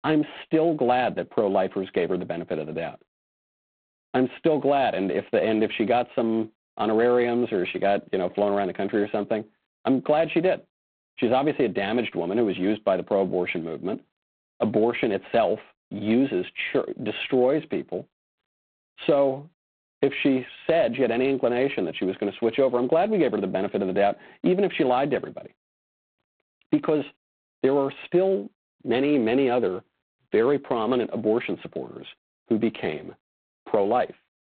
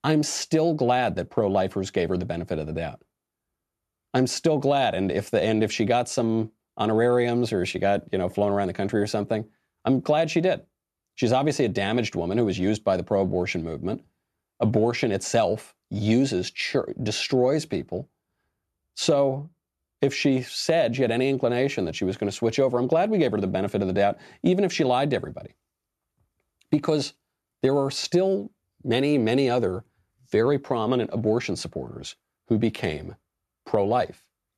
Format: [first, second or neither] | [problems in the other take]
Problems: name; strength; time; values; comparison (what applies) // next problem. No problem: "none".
second | phone-call audio; poor line; nothing above 4 kHz